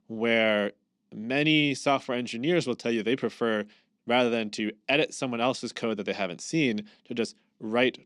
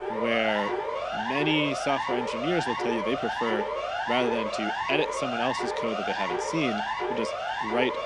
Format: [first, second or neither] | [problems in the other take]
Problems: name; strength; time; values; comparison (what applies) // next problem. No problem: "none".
first | siren; loud; peak level with the speech